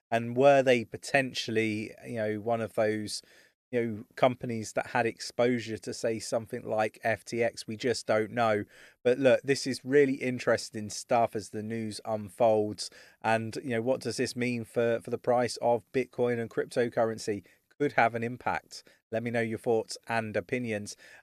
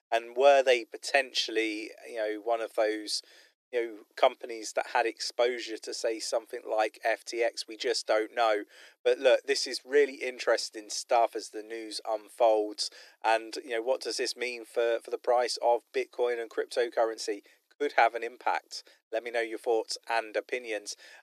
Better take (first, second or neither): first